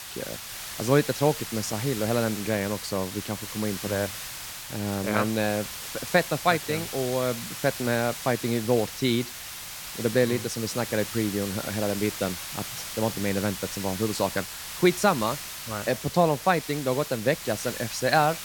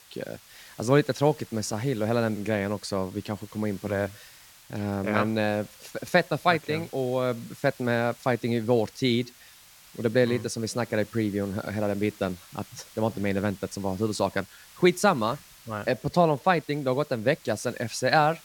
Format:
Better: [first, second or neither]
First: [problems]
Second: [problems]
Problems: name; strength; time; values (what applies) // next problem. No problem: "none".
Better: second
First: hiss; loud; throughout; 8 dB below the speech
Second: hiss; faint; throughout; 20 dB below the speech